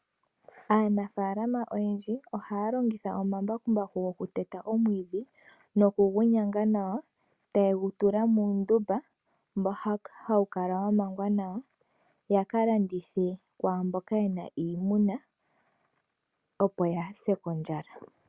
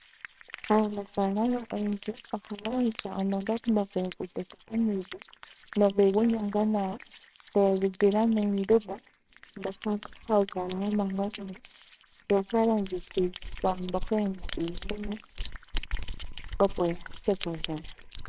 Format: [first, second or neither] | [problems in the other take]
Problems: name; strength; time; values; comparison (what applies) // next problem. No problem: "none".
first | noise reduction (neural separator model SepFormer WHAMR!)